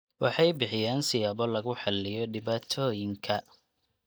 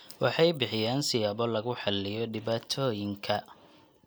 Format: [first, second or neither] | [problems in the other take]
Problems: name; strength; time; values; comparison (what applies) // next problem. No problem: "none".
second | noise reduction (neural mask model DeepFilterNet 3)